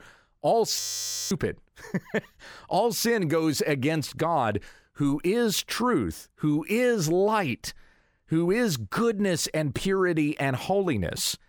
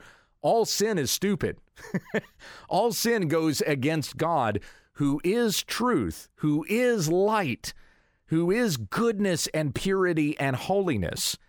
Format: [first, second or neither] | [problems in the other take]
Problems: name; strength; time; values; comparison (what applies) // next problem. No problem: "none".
second | audio freezing; at 1 s for 0.5 s